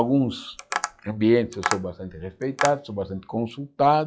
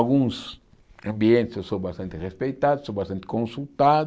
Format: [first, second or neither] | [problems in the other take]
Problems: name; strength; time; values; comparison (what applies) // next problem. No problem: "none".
second | noise reduction (classical method log-MMSE)